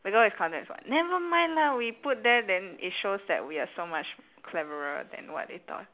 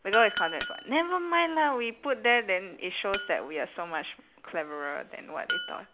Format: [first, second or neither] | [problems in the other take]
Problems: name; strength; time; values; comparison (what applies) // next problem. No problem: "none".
first | background sound (Chink, clink); 10 dB below the speech